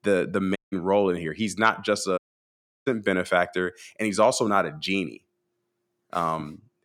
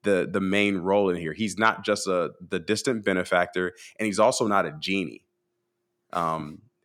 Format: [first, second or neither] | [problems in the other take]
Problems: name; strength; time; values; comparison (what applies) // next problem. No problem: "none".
second | audio cutting out; at 0.5 s and at 2 s for 0.5 s